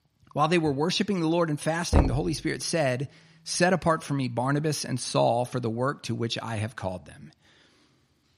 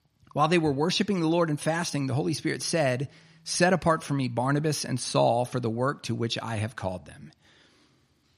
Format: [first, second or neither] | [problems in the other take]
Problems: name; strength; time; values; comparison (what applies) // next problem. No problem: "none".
second | door banging; loud; at 2 s; peak 1 dB above the speech